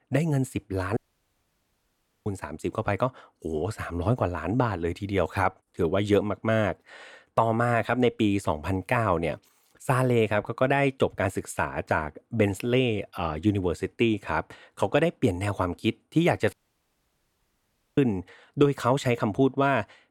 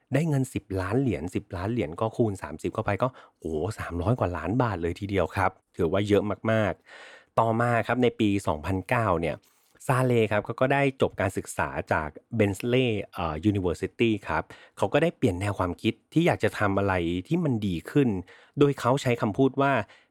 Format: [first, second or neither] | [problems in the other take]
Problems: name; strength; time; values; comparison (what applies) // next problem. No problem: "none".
second | audio cutting out; at 1 s for 1.5 s and at 17 s for 1.5 s